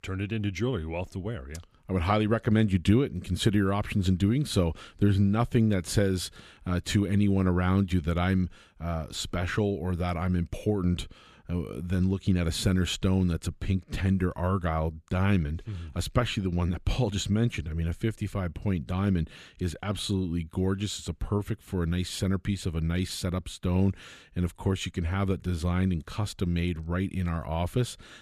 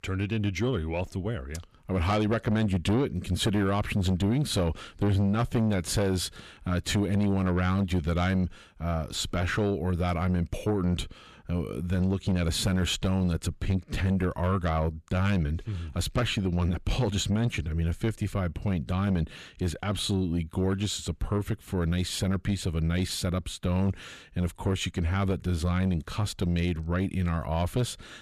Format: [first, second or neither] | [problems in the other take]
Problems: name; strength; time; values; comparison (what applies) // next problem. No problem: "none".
first | distortion; slight; 9 dB below the speech